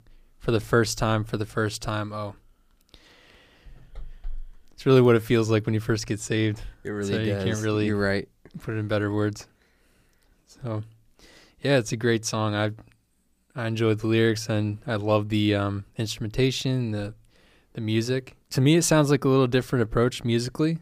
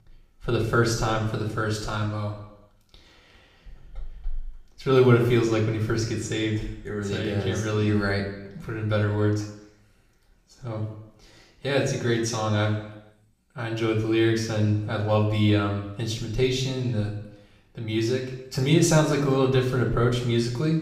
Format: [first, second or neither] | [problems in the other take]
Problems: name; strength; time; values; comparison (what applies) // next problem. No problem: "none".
first | room echo; noticeable; dies away in 0.8 s // off-mic speech; somewhat distant